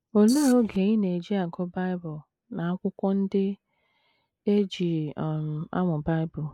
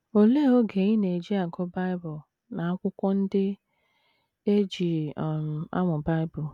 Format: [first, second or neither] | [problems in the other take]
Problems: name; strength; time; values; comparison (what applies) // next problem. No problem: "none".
second | noise reduction (neural mask model Resemble Enhance denoiser)